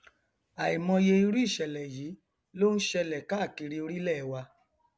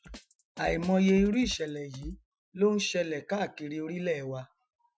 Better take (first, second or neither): first